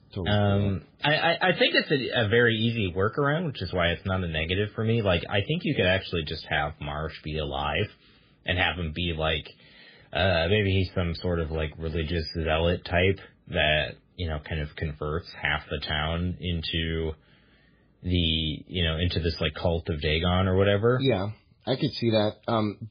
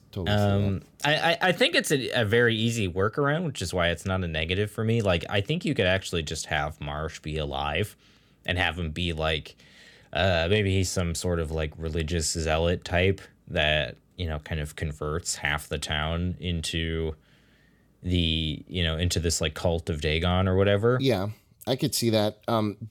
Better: second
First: garbled, watery; badly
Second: none

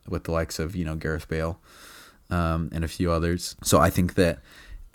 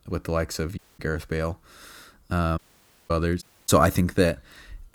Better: first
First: none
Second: audio cutting out; at 1 s, at 2.5 s for 0.5 s and at 3.5 s

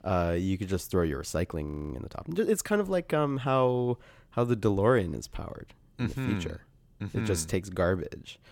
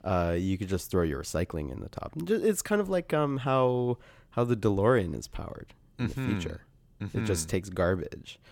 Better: second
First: audio freezing; at 1.5 s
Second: none

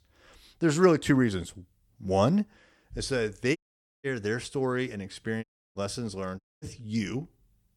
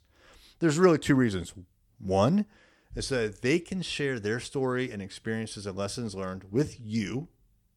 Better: second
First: audio cutting out; at 3.5 s, at 5.5 s and at 6.5 s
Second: none

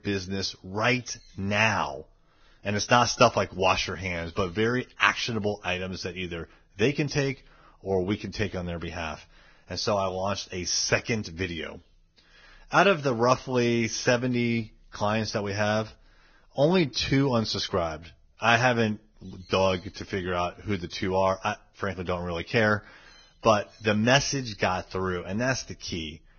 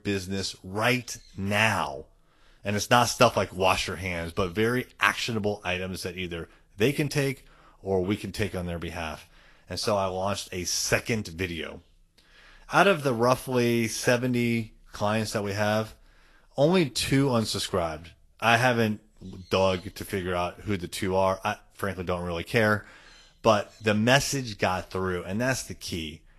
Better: second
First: garbled, watery; badly; nothing above 6.5 kHz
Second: garbled, watery; slightly; nothing above 12.5 kHz

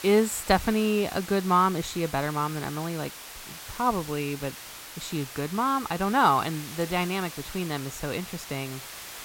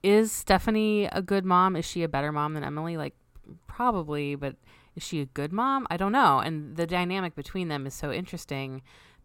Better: second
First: hiss; noticeable; throughout; 10 dB below the speech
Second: none

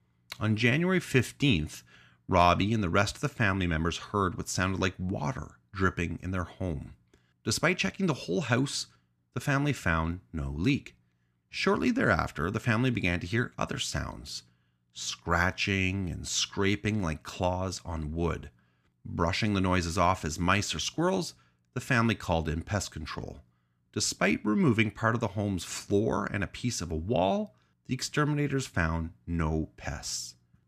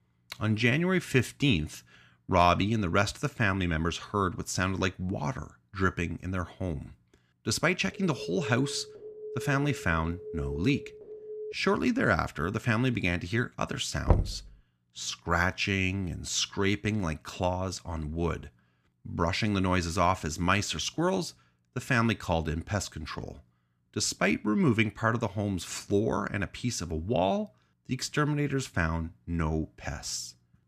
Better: first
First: none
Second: phone ringing; noticeable; from 8 to 12 s; peak 9 dB below the speech // door banging; loud; at 14 s; peak 1 dB above the speech

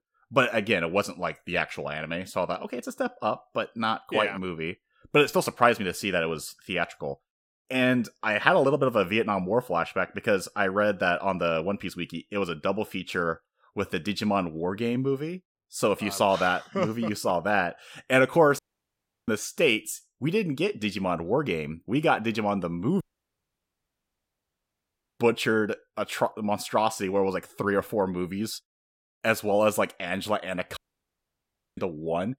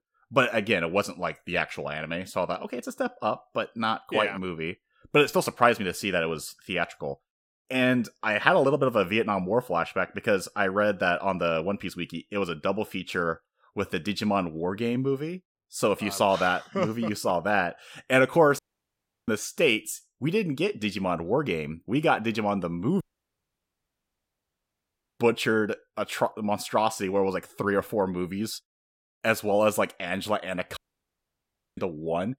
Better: neither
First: audio cutting out; at 19 s for 0.5 s, at 23 s for 2 s and at 31 s for 1 s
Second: audio cutting out; at 19 s for 0.5 s, at 23 s for 2 s and at 31 s for 1 s

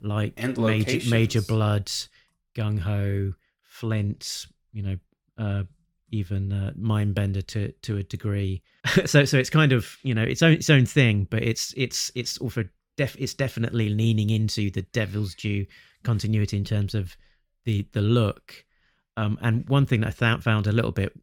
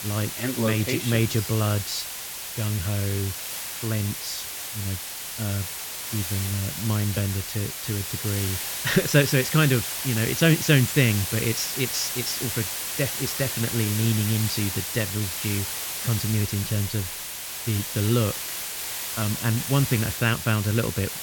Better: first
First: none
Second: hiss; loud; throughout; 3 dB below the speech

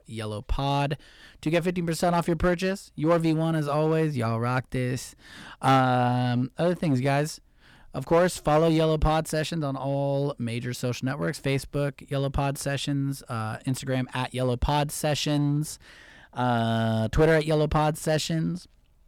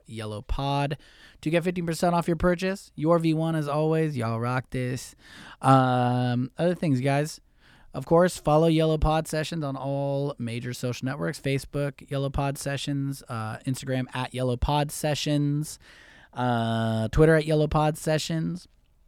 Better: second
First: distortion; slight; 5% of the sound clipped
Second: none

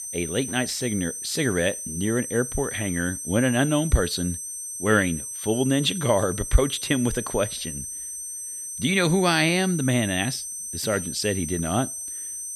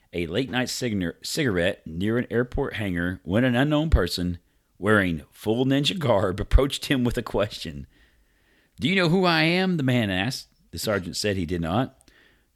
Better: second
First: high-pitched whine; loud; throughout; 8.5 kHz, 6 dB below the speech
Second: none

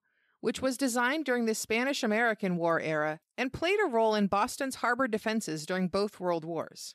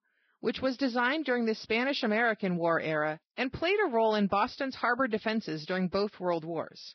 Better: first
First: none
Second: garbled, watery; badly; nothing above 5.5 kHz

